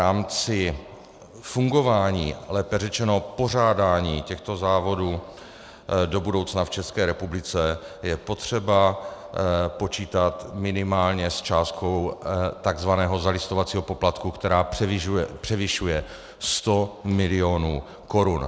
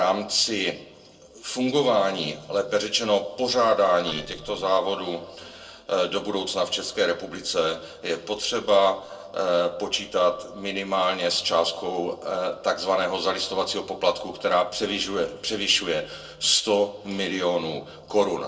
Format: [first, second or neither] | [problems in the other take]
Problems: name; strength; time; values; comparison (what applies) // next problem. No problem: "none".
first | noise reduction (neural separator model SepFormer DNS4)